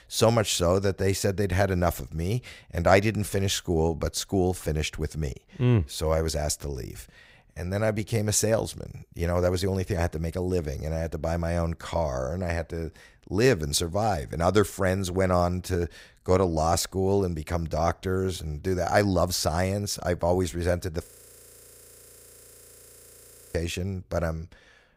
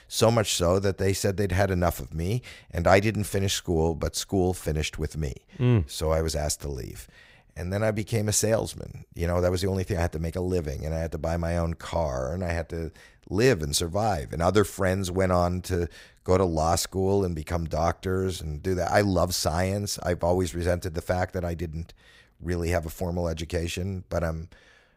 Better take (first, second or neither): second